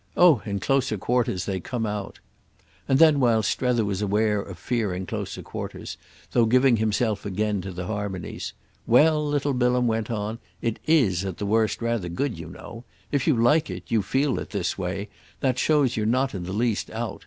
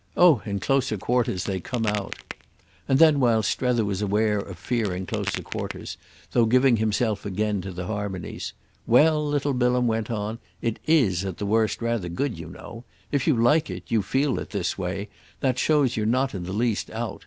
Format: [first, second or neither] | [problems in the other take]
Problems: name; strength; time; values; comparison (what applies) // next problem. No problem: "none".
first | background sound (Crack); 15 dB below the speech